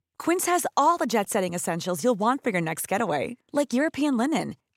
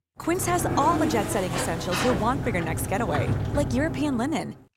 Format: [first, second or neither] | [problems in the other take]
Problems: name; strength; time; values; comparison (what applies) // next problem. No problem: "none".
first | door banging; loud; peak 1 dB above the speech